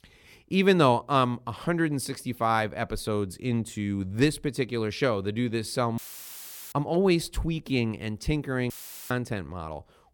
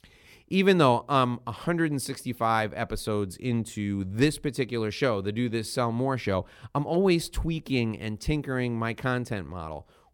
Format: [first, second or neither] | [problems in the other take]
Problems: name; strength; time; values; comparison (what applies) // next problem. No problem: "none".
second | audio cutting out; filled with static; at 6 s for 0.5 s and at 8.5 s